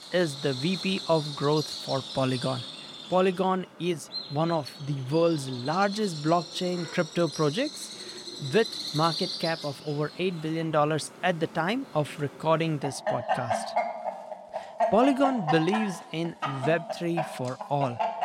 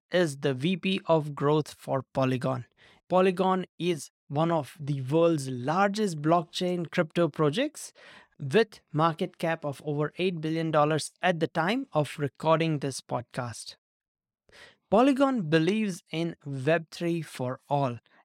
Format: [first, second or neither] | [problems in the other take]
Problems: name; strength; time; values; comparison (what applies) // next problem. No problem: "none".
second | animal sounds; loud; throughout; 6 dB below the speech